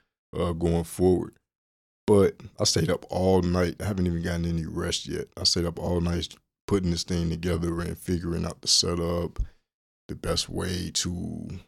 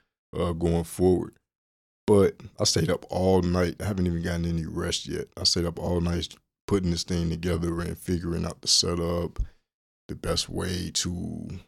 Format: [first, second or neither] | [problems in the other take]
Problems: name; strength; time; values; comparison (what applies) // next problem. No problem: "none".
neither | none